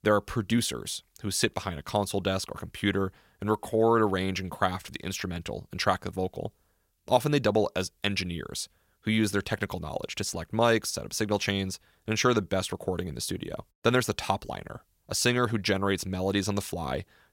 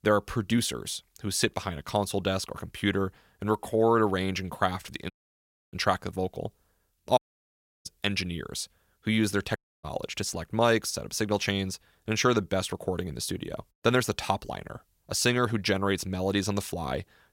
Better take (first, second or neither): first